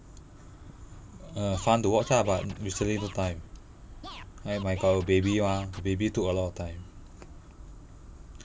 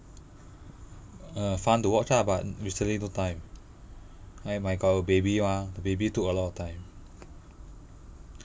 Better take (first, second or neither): second